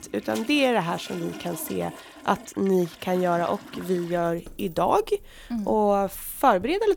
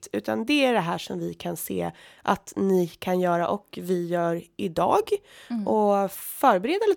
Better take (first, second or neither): second